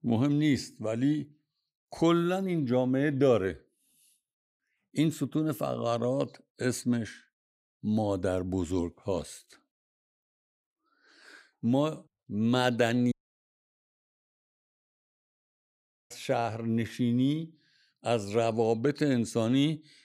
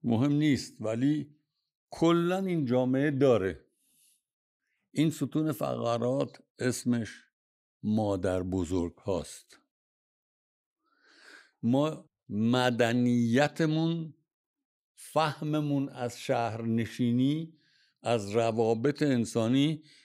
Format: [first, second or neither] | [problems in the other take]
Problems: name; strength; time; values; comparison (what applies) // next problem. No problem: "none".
second | audio cutting out; at 13 s for 3 s